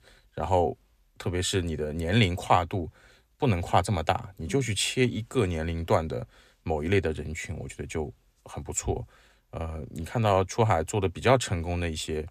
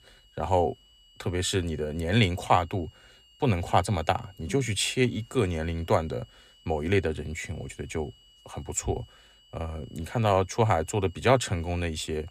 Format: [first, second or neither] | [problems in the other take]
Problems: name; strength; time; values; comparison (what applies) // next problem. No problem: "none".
first | high-pitched whine; faint; throughout; 3 kHz, 30 dB below the speech